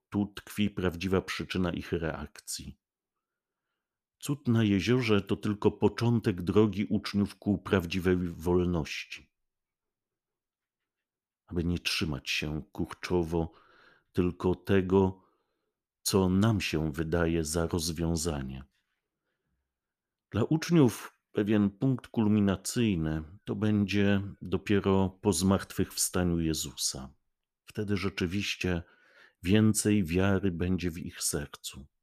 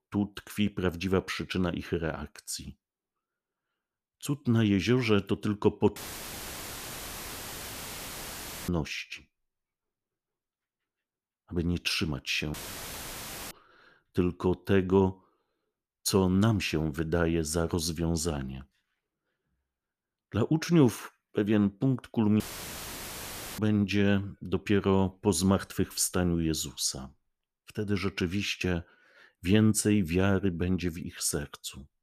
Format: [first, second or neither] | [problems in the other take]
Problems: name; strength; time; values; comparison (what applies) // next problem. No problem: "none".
first | audio cutting out; filled with static; at 6 s for 2.5 s, at 13 s for 1 s and at 22 s for 1 s